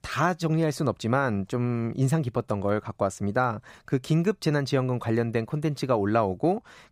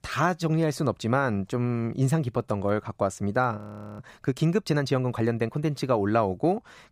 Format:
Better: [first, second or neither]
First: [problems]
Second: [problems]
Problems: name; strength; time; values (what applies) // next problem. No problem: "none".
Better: first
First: none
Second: audio freezing; at 3.5 s